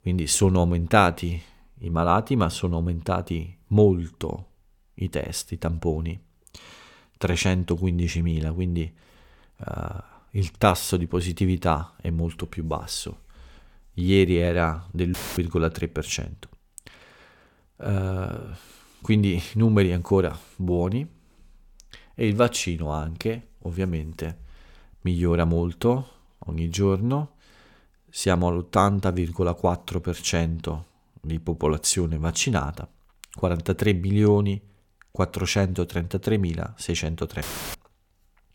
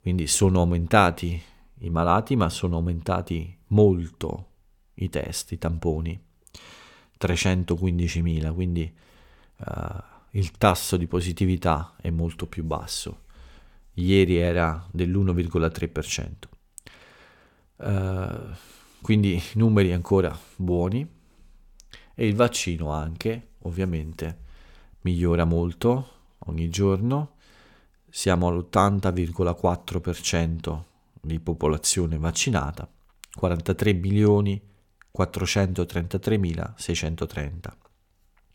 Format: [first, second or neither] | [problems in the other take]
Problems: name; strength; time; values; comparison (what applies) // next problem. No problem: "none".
second | audio cutting out; filled with static; at 15 s and at 37 s